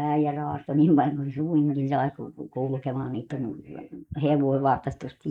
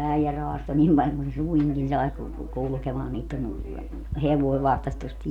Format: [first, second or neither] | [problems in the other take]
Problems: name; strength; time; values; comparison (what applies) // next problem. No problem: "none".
second | noise reduction (neural mask model Resemble Enhance denoiser)